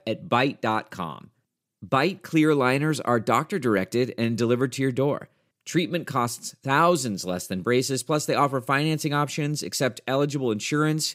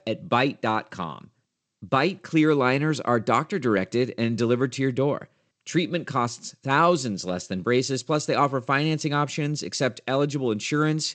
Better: first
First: none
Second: garbled, watery; slightly; nothing above 8 kHz

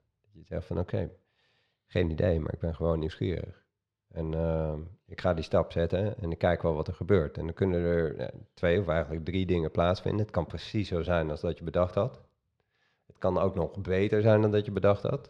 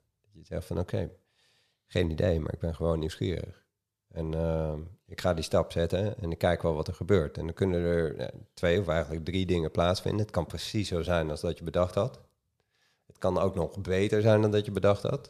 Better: second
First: muffled; slightly; fading above 3 kHz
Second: none

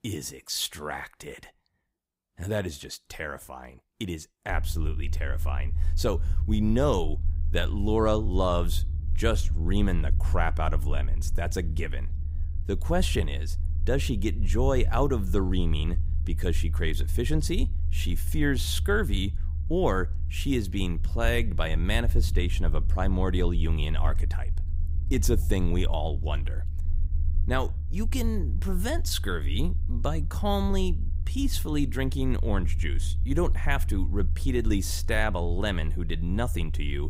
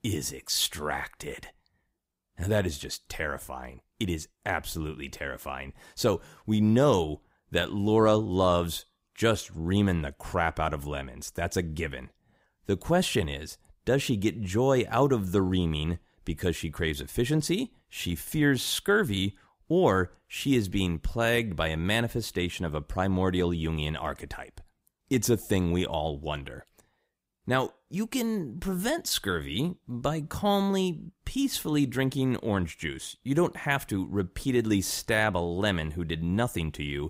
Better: second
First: low rumble; noticeable; from 4.5 s on; 15 dB below the speech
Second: none

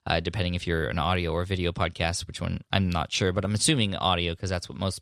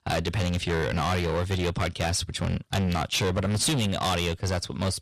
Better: first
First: none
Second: distortion; heavy; 21% of the sound clipped

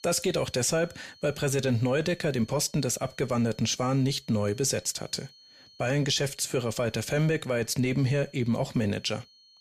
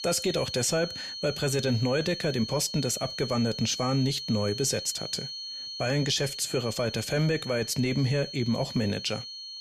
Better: first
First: high-pitched whine; faint; throughout; 4.5 kHz, 25 dB below the speech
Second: high-pitched whine; loud; throughout; 4.5 kHz, 7 dB below the speech

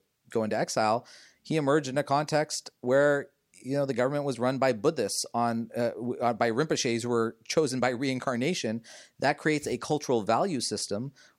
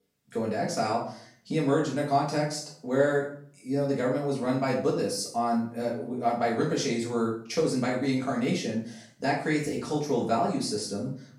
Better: first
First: none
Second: off-mic speech; far // room echo; noticeable; dies away in 0.5 s

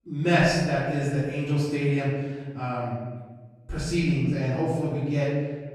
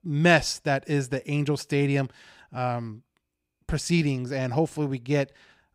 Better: second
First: off-mic speech; far // room echo; strong; dies away in 1.4 s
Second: none

